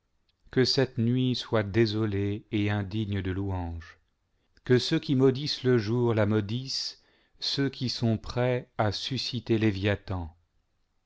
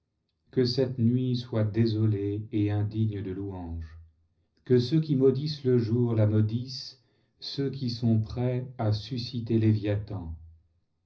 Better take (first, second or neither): first